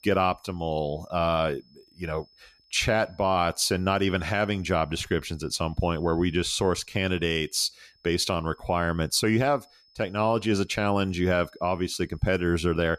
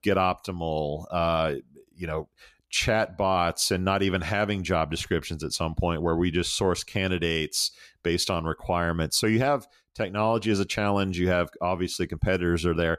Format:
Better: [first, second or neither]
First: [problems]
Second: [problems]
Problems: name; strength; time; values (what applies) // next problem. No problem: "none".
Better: second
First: high-pitched whine; faint; throughout; 5 kHz, 35 dB below the speech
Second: none